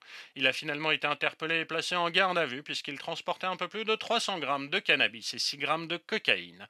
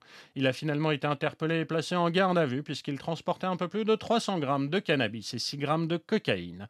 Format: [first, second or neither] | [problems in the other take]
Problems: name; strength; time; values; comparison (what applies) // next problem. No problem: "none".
second | thin; somewhat; fading below 900 Hz